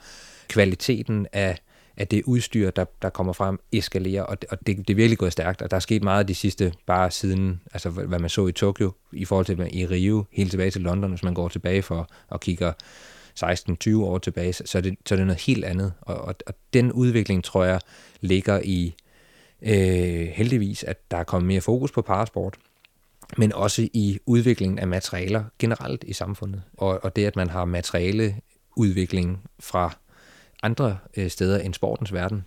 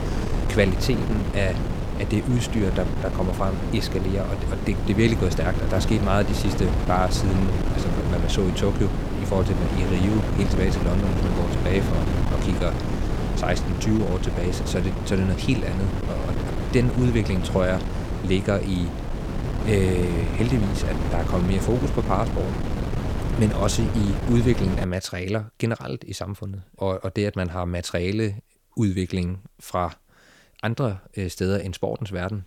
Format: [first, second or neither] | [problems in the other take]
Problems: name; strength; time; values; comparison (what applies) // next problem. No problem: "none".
first | wind noise on the microphone; heavy; until 25 s; 4 dB below the speech